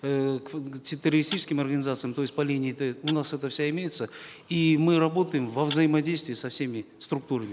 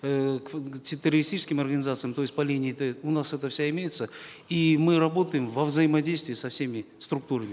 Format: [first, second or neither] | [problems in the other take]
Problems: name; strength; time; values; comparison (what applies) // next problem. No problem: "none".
second | background sound (Tap / Glass); 16 dB below the speech